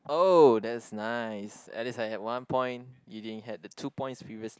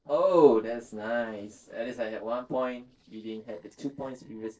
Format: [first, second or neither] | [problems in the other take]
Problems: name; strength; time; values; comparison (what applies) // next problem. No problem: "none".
first | noise reduction (neural separator model SepFormer DNS4)